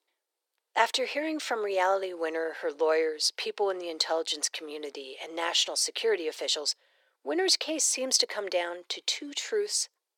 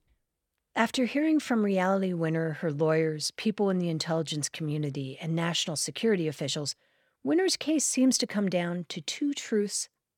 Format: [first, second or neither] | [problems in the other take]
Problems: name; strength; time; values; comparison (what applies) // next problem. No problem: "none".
second | thin; very; fading below 350 Hz